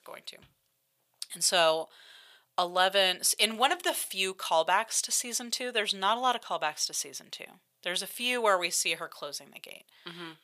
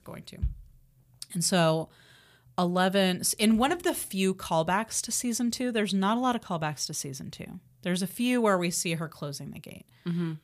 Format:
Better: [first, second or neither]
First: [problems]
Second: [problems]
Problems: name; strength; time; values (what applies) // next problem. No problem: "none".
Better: second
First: thin; very; fading below 650 Hz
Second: none